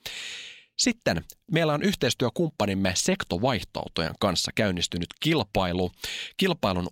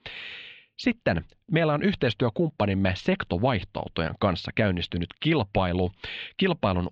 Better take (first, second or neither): first